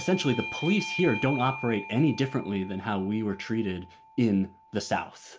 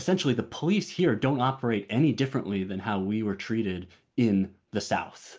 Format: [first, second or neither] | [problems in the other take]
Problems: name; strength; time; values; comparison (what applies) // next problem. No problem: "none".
second | background sound (Bell / Doorbell); 12 dB below the speech